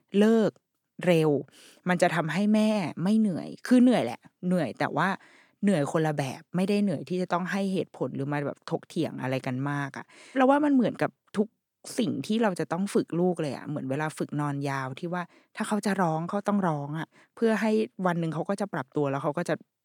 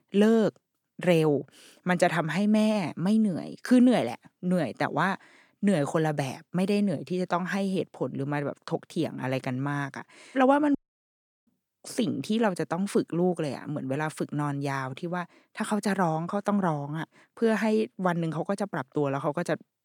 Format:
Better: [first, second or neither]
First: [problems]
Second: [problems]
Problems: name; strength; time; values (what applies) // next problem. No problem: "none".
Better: first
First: none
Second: audio cutting out; at 11 s for 0.5 s